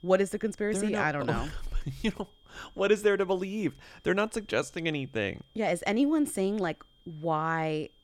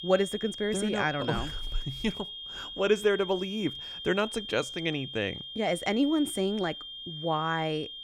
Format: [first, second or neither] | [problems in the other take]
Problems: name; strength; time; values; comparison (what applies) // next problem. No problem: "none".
first | high-pitched whine; loud; throughout; 3 kHz, 8 dB below the speech; faint in the first